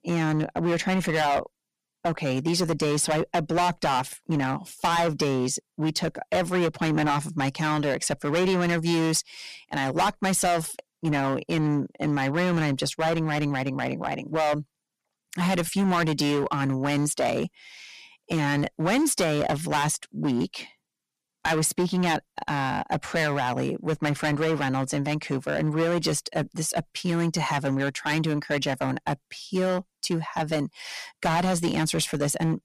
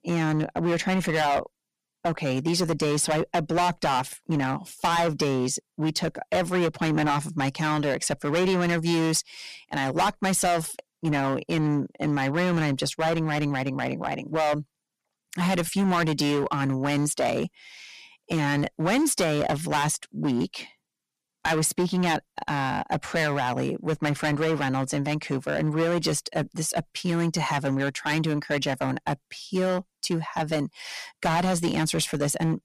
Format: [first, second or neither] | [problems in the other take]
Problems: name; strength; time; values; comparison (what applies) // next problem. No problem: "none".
neither | distortion; heavy; 11% of the sound clipped; the same in both